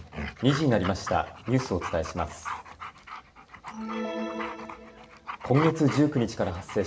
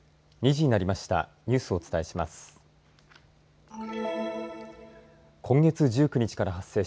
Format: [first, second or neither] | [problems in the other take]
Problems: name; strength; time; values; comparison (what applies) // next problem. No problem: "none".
second | background sound (Dog); 11 dB below the speech // room echo; dies away in 0.7 s